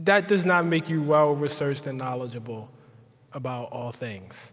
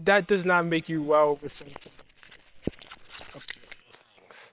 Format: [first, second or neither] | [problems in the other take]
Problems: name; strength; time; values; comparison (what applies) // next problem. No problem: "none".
first | noise reduction (neural separator model SepFormer WHAM!)